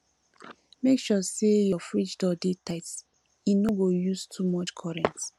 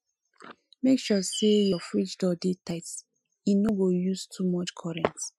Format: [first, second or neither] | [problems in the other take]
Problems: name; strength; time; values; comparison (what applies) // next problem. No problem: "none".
first | noise reduction (classical method Wiener filter)